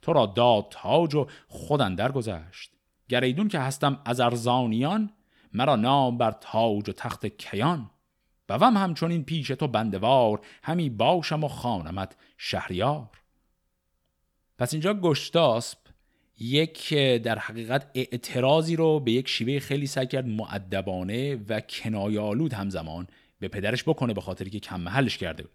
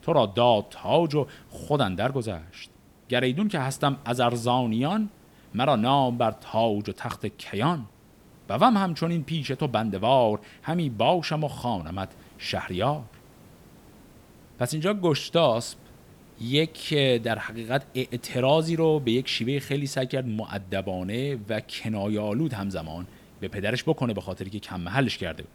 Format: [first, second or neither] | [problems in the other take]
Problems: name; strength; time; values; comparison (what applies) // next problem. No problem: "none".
first | hiss; faint; throughout; 25 dB below the speech